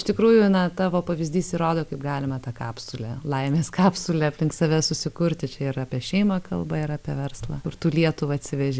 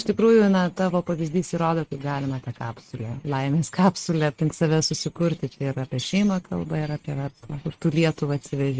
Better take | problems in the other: first | noise reduction (neural mask model RNNoise)

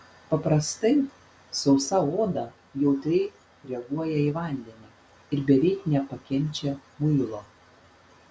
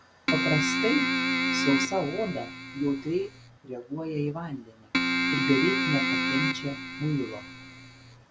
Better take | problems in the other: first | background sound (Keyboard (musical)); 2 dB above the speech

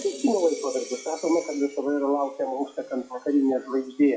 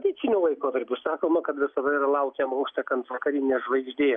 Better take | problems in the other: second | noise reduction (classical method WPE with log-MMSE)

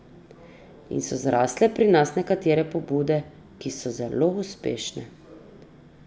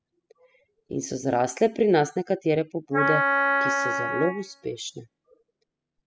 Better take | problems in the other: first | noise reduction (classical method spectral subtraction)

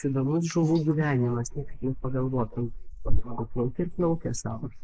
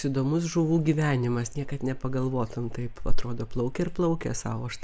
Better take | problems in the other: second | noise reduction (neural mask model Resemble Enhance denoiser)

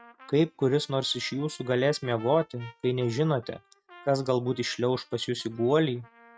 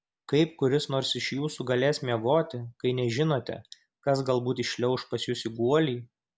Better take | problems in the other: second | noise reduction (neural mask model RNNoise)

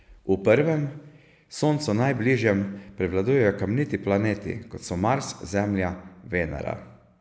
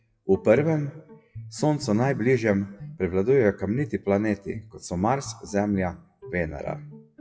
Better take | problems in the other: first | noise reduction (classical method WPE with log-MMSE)

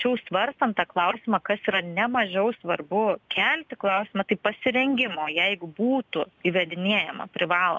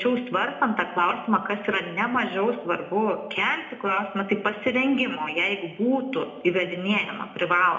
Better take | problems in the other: first | room echo; dies away in 0.6 s

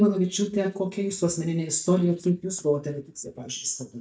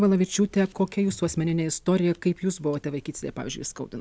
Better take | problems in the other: second | noise reduction (neural mask model DeepFilterNet 3)

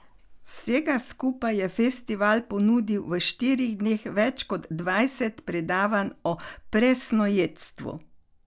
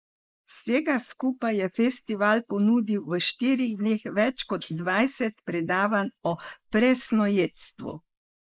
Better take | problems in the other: first | noise reduction (neural mask model Resemble Enhance denoiser)

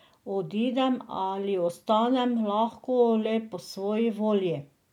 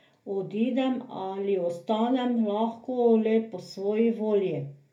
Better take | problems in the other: first | room echo; dies away in 0.3 s

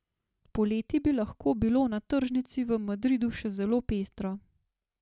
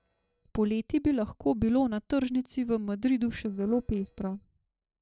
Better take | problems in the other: first | noise reduction (neural separator model SepFormer DNS4)

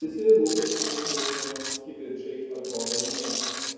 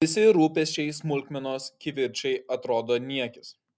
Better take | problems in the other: second | background sound (Tools); 5 dB below the speech // room echo; dies away in 2.2 s

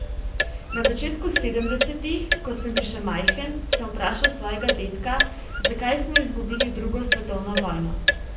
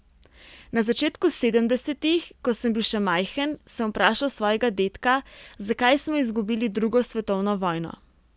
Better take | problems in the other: second | background sound (Clock); 3 dB above the speech // room echo; dies away in 0.6 s

